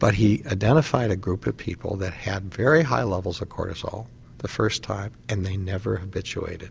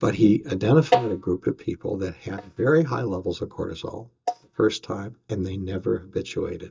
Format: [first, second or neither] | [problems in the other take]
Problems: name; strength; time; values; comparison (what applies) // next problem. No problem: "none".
first | noise reduction (neural mask model DeepFilterNet 3)